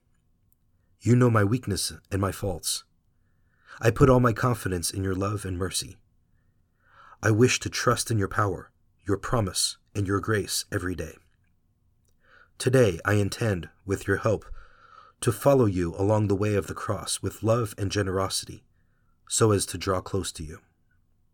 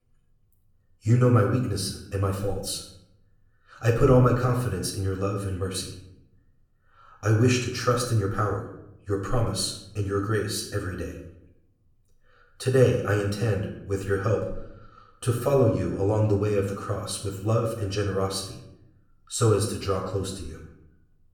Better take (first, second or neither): first